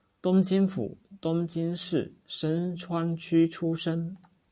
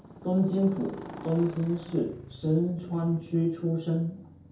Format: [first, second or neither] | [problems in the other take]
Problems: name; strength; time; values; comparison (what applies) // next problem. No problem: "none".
first | background sound (Motorcycle); 16 dB below the speech // room echo; dies away in 0.6 s